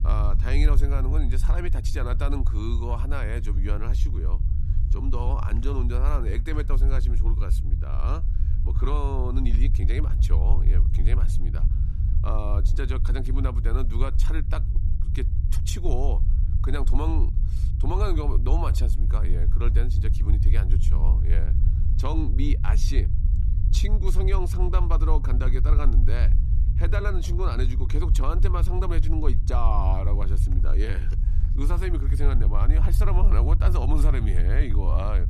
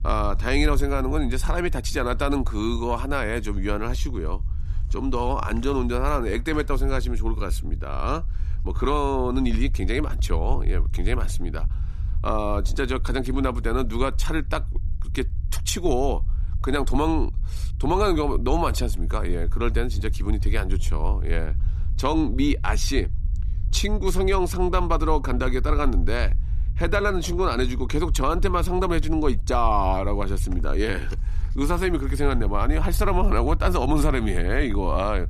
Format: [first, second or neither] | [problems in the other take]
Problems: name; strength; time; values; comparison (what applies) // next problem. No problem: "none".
second | low rumble; loud; throughout; 8 dB below the speech; faint in the second